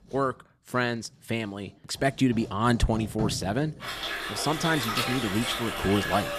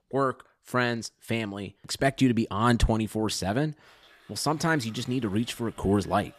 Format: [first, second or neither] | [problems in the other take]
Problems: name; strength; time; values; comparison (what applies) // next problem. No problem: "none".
second | household noises; loud; throughout; 4 dB below the speech; faint in the second